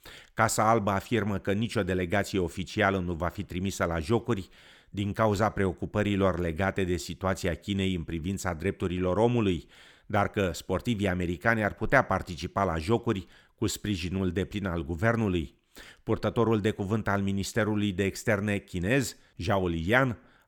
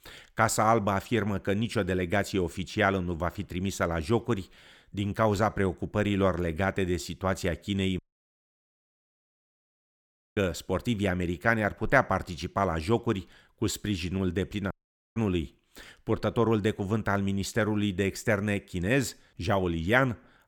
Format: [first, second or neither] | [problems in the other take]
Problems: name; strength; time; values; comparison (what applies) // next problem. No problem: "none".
first | audio cutting out; at 8 s for 2.5 s and at 15 s